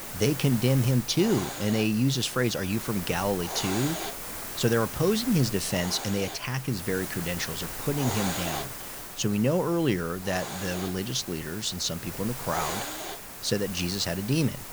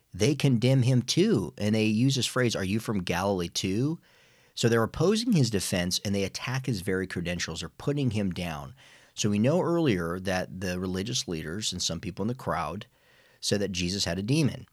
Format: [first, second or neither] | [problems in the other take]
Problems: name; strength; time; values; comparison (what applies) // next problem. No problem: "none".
second | hiss; loud; throughout; 7 dB below the speech